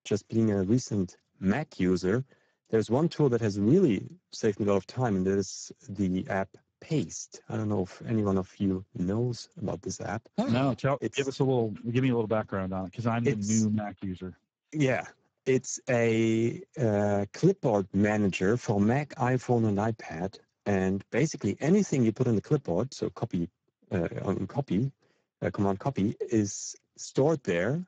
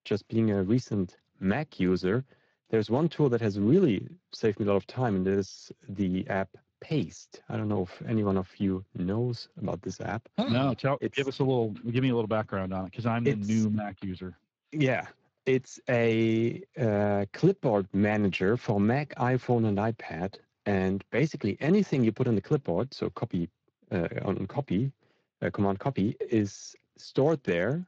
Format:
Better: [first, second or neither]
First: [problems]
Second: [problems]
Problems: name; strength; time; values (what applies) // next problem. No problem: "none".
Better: second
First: garbled, watery; badly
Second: garbled, watery; slightly